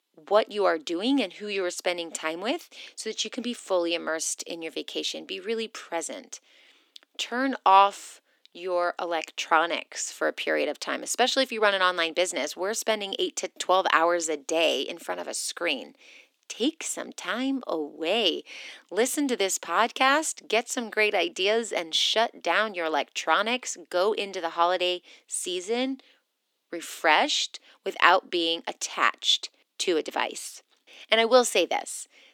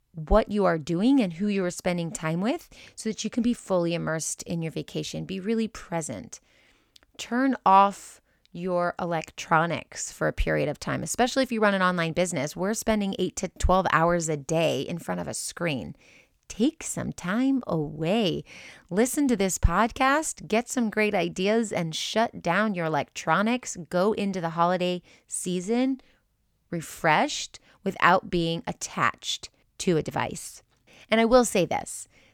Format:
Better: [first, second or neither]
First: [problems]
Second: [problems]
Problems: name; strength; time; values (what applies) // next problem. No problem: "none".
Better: second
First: thin; somewhat; fading below 300 Hz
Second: none